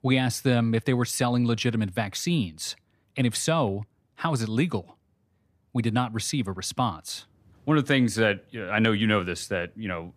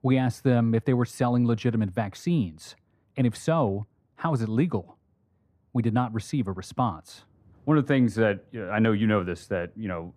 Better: first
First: none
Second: muffled; slightly; fading above 2 kHz

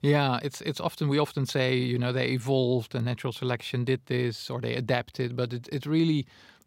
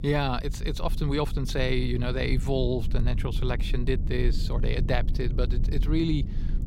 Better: first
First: none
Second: low rumble; noticeable; throughout; 15 dB below the speech

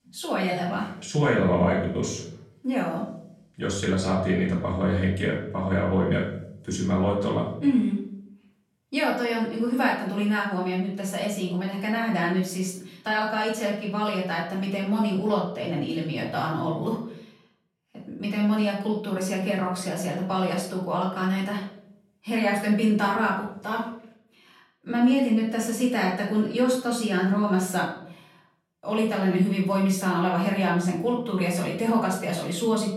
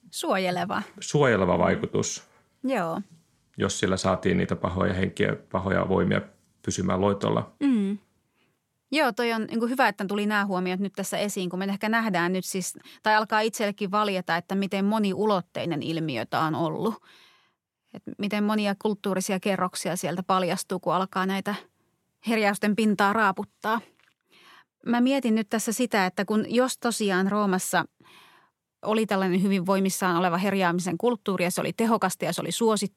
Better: second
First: off-mic speech; far // room echo; noticeable; dies away in 0.6 s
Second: none

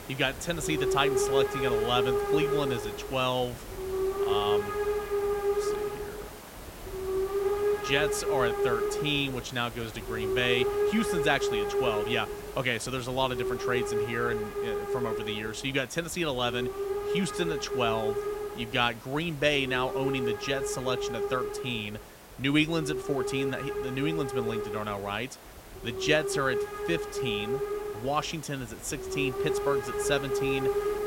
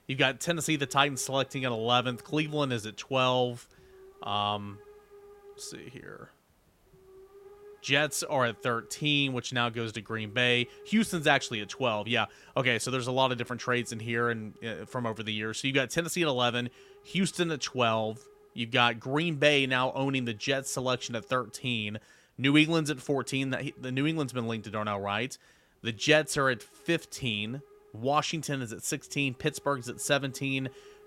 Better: second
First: hiss; loud; throughout; as loud as the speech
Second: hiss; faint; throughout; 25 dB below the speech

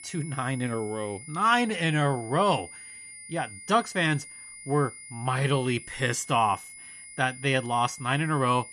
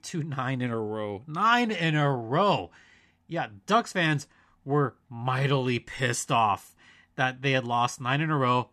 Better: second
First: high-pitched whine; noticeable; throughout; 9.5 kHz, 15 dB below the speech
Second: none

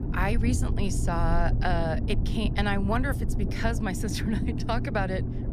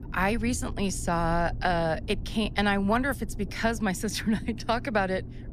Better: second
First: low rumble; loud; throughout; 9 dB below the speech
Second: low rumble; faint; throughout; 20 dB below the speech

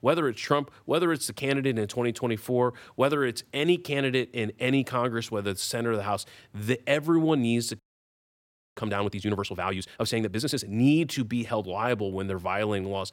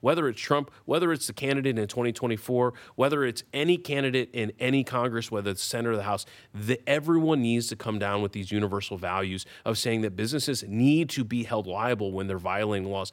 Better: second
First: audio freezing; at 8 s for 1 s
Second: none

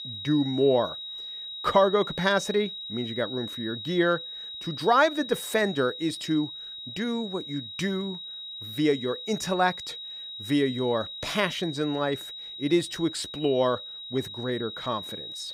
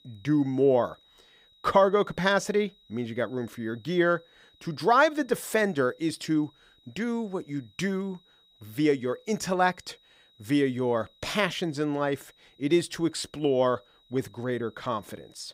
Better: second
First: high-pitched whine; loud; throughout; 4 kHz, 9 dB below the speech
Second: high-pitched whine; faint; throughout; 4 kHz, 30 dB below the speech

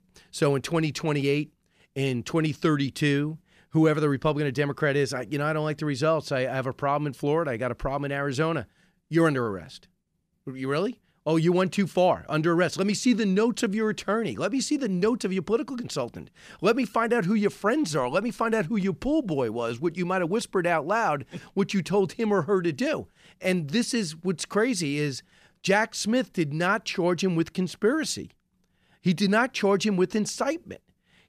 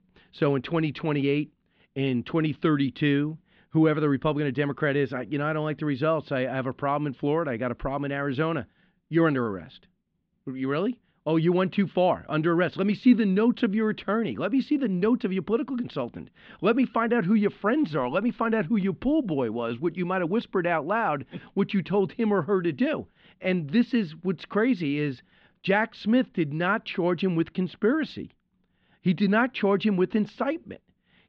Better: first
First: none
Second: muffled; very; fading above 3.5 kHz

